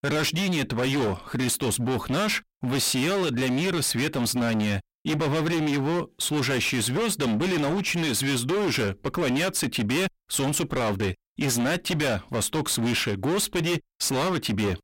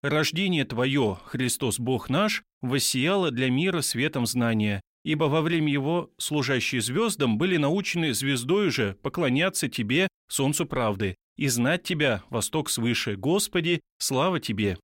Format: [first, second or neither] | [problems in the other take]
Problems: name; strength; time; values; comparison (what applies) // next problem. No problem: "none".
second | distortion; heavy; 33% of the sound clipped